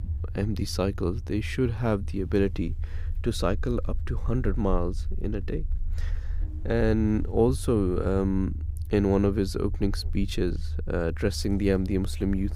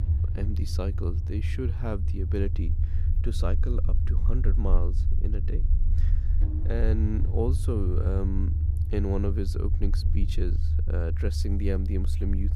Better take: first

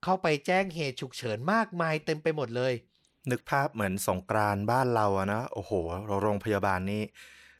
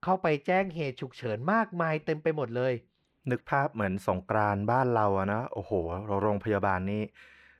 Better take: first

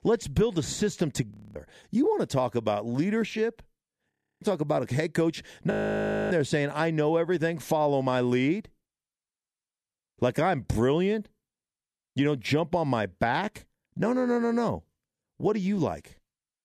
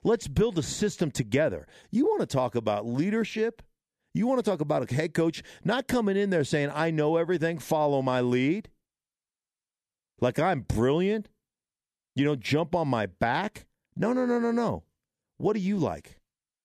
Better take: second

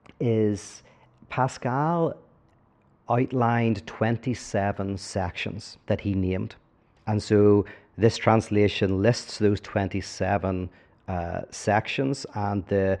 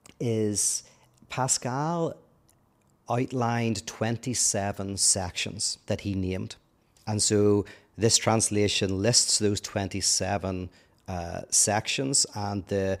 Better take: second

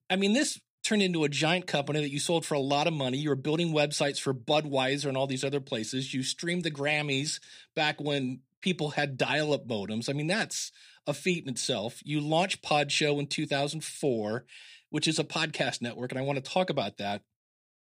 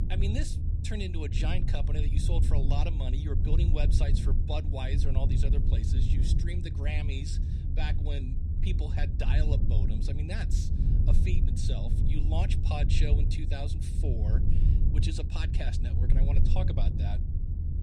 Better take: first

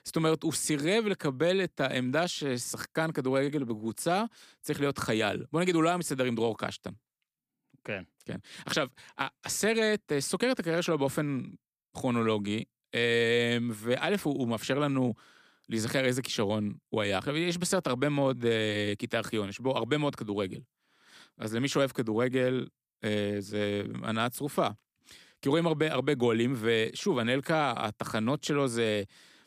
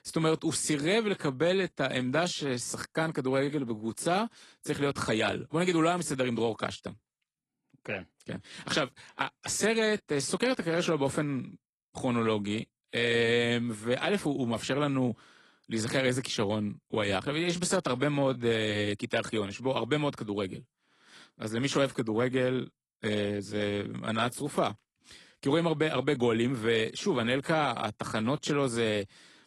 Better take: first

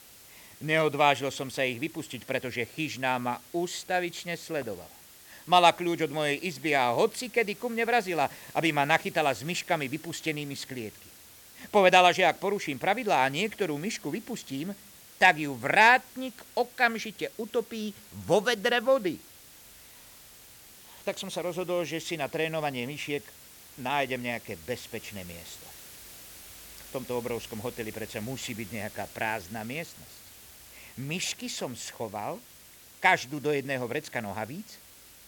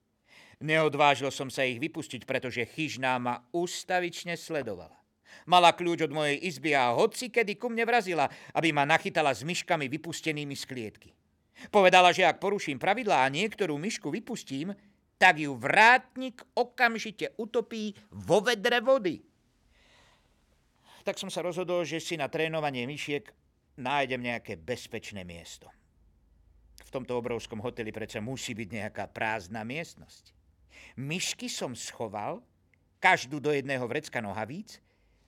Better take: second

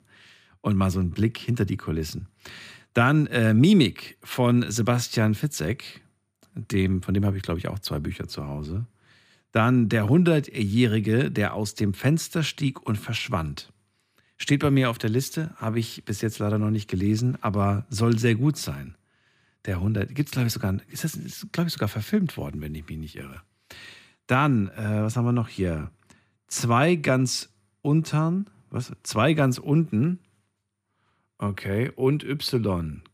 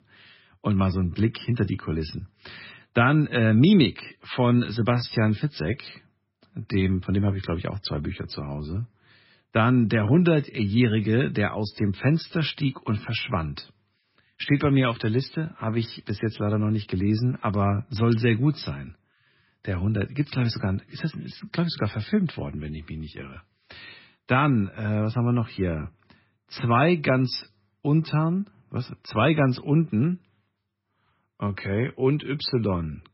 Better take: first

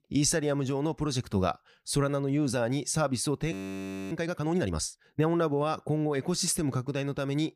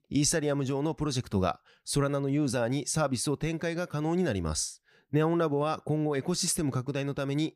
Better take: second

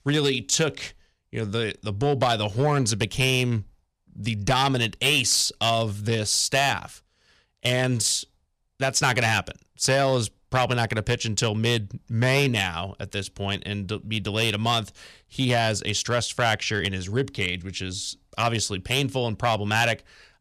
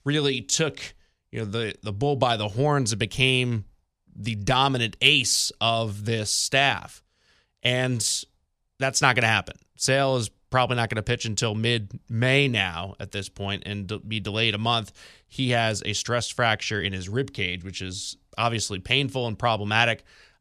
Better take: second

